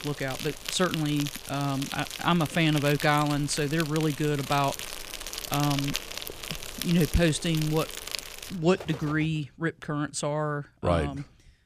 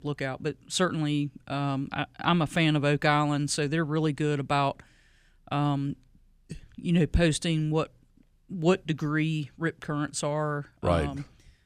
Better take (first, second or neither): second